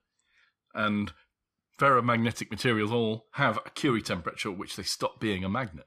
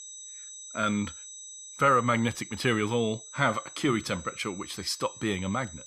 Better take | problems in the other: first | high-pitched whine; noticeable; throughout; 8 kHz, 15 dB below the speech

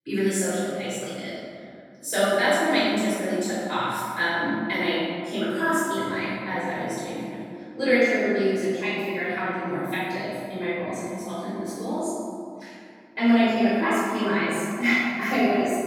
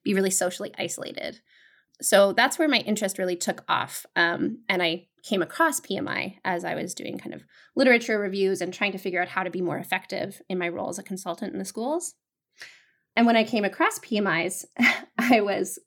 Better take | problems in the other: second | off-mic speech; far // room echo; strong; dies away in 2.1 s

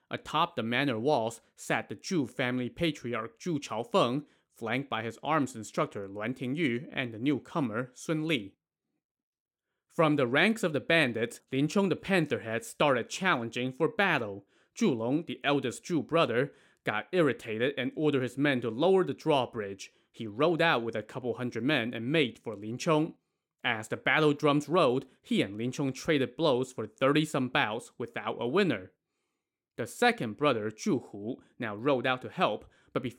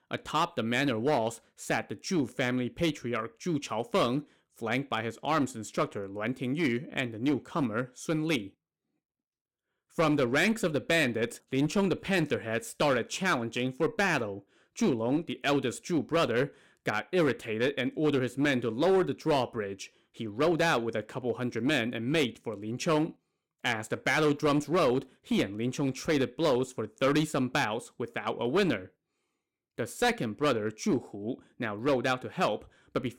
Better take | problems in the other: first | distortion; slight; 5% of the sound clipped

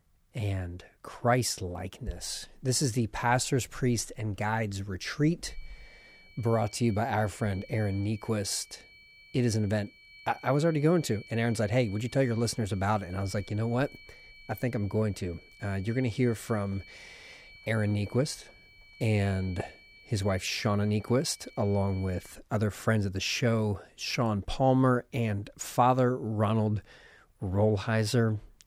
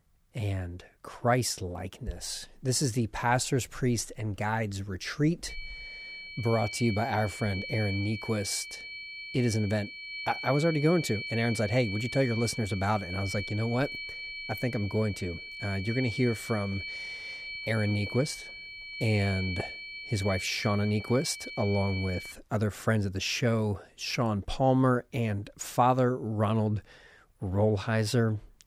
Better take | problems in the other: first | high-pitched whine; loud; from 5.5 to 22 s; 2.5 kHz, 8 dB below the speech; faint in the first

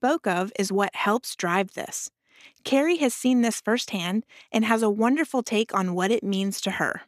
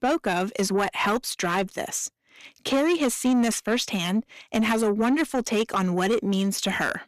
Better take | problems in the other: first | distortion; slight; 10 dB below the speech

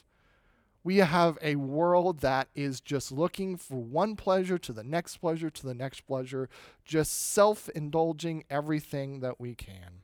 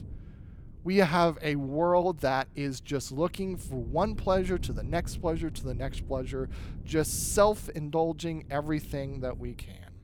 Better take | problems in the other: first | wind noise on the microphone; occasional gusts; 25 dB below the speech

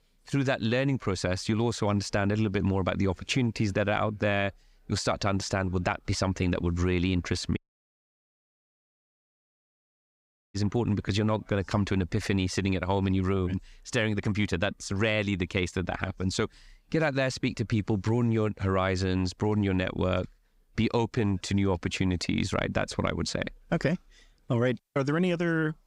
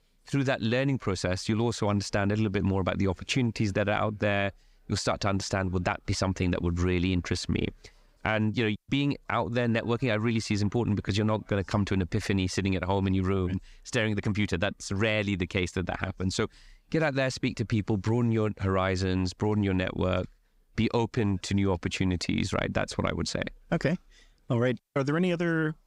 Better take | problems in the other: second | audio cutting out; at 7.5 s for 3 s

